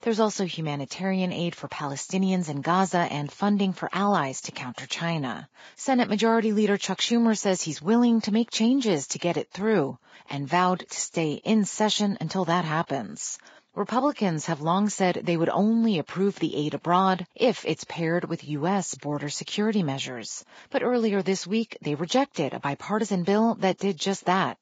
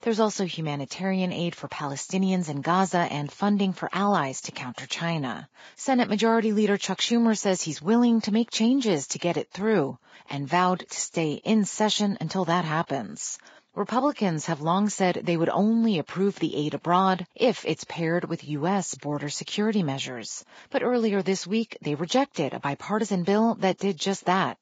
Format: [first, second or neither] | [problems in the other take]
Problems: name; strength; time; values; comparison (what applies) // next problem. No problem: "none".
neither | garbled, watery; badly; nothing above 7.5 kHz; the same in both